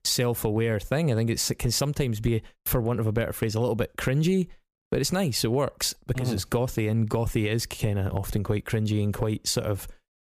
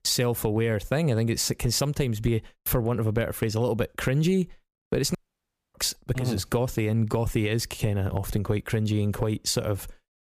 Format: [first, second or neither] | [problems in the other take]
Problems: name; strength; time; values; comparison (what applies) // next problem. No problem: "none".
first | audio cutting out; at 5 s for 0.5 s